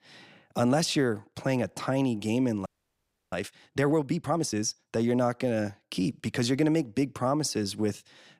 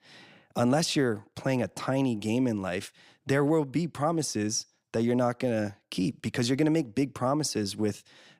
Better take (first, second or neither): second